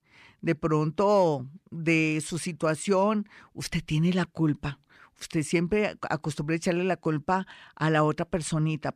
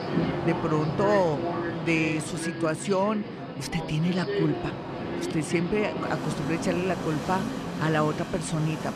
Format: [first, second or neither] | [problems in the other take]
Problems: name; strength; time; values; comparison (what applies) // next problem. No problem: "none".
first | train or aircraft noise; loud; throughout; 4 dB below the speech